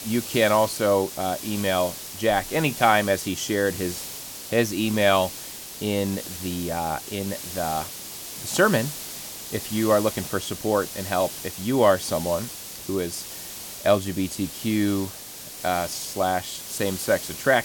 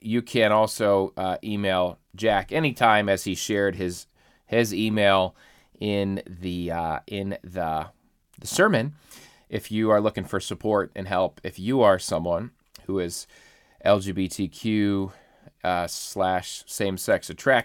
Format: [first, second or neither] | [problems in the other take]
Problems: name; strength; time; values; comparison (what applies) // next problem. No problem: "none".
second | hiss; loud; throughout; 9 dB below the speech